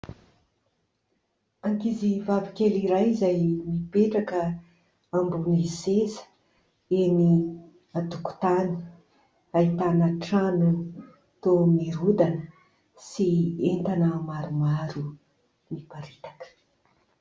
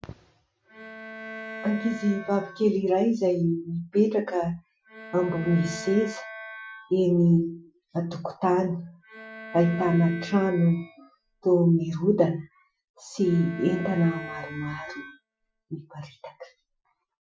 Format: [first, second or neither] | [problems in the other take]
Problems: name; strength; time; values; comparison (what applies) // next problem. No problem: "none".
first | noise reduction (classical method Wiener filter)